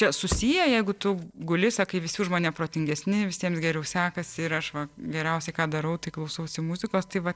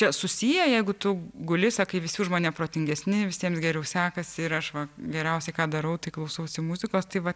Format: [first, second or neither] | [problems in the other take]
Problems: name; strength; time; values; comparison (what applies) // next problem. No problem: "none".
second | noise reduction (neural separator model SepFormer DNS4)